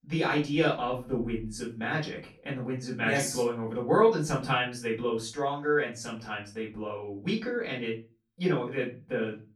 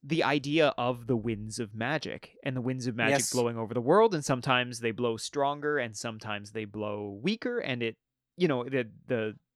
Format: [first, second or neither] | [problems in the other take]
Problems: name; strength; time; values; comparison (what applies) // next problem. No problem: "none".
second | off-mic speech; far // room echo; slight; dies away in 0.3 s